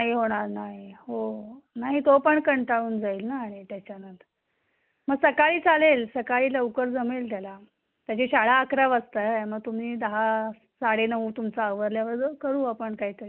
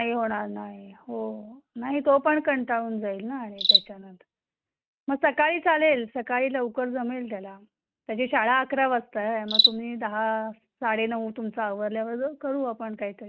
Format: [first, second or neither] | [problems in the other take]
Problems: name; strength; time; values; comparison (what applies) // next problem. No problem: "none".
first | noise reduction (neural mask model RNNoise)